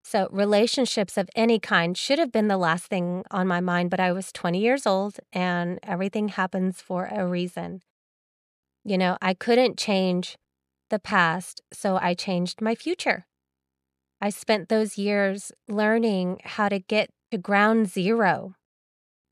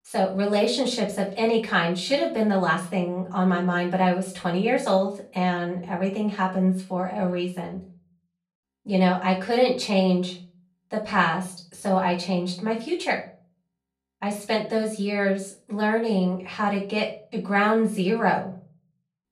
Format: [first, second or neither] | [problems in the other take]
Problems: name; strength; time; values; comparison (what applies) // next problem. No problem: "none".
first | off-mic speech; far // room echo; slight; dies away in 0.3 s